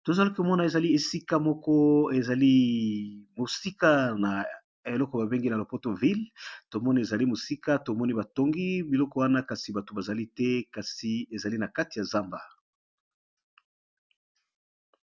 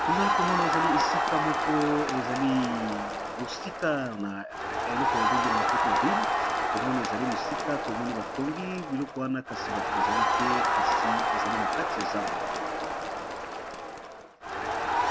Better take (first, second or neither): first